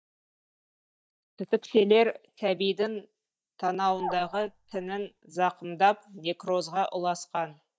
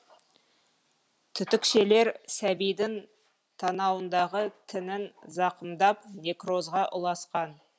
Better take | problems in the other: second | noise reduction (neural mask model DeepFilterNet 3)

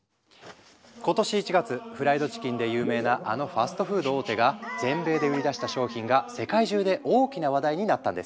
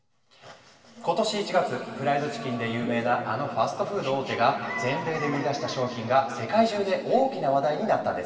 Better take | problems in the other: first | room echo; dies away in 2.4 s

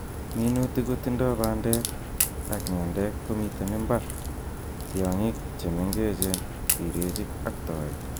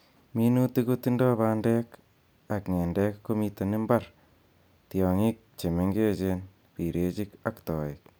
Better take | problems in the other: second | background sound (Crack); 3 dB below the speech

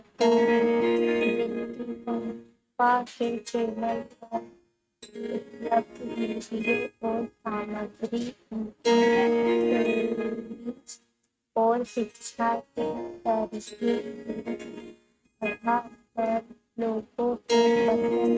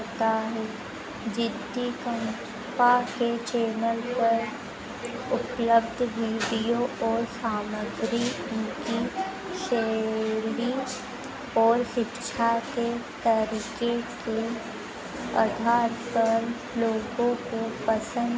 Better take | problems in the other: second | noise reduction (neural mask model RNNoise)

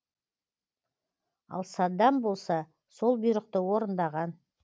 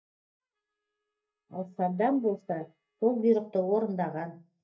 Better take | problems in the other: first | noise reduction (neural mask model DeepFilterNet 3)

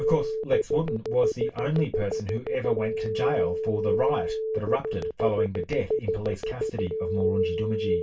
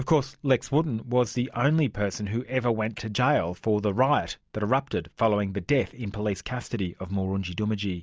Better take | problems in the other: second | background sound (Telephone); 1 dB above the speech // room echo; dies away in 0.2 s

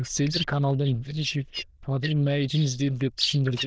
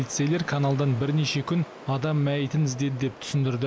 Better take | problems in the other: second | noise reduction (neural diffusion model UNIVERSE++)

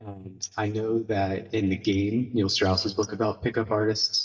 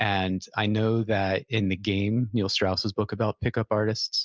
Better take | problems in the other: second | noise reduction (neural mask model DeepFilterNet 3)

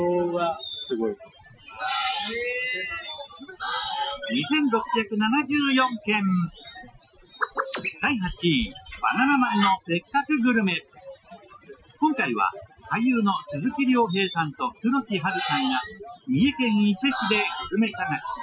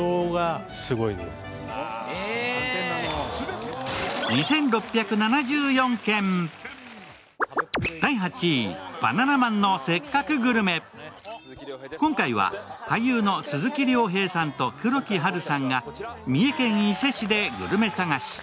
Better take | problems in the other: second | noise reduction (classical method Wiener filter)

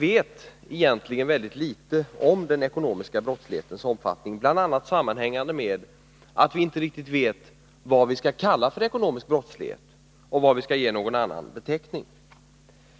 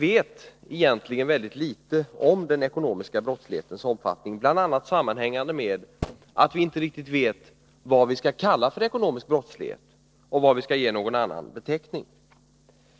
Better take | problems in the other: first | noise reduction (neural separator model SepFormer DNS4)

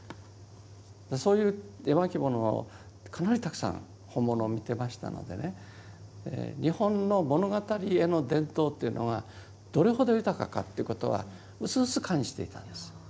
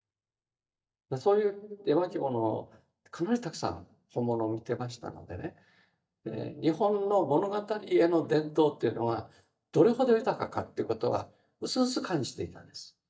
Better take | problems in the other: first | noise reduction (neural mask model DeepFilterNet 3)

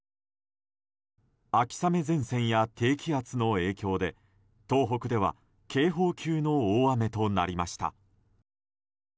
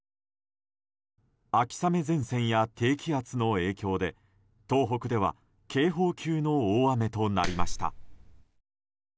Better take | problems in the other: first | background sound (Clapping); as loud as the speech

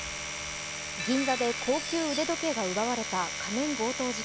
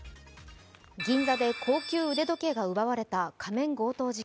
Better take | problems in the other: second | background sound (Domestic sounds, home sounds); 5 dB below the speech

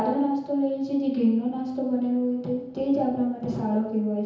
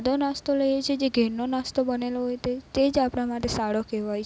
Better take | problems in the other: second | room echo; dies away in 1 s

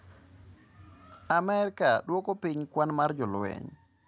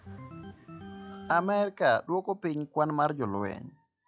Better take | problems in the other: first | noise reduction (classical method log-MMSE)

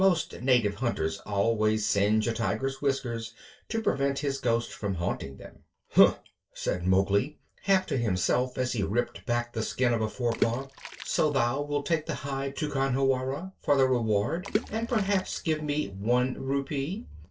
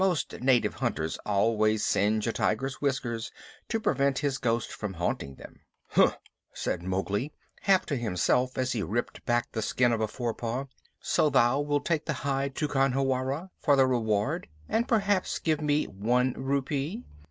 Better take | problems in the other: second | noise reduction (neural separator model SepFormer DNS4)

